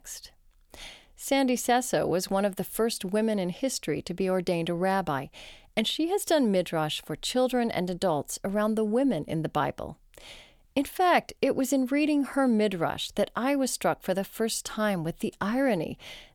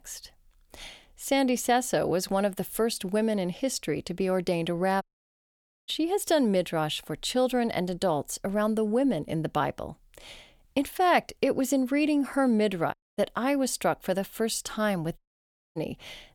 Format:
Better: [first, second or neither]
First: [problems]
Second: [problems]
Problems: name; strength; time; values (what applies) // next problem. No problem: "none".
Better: first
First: none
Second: audio cutting out; at 5 s for 1 s, at 13 s and at 15 s for 0.5 s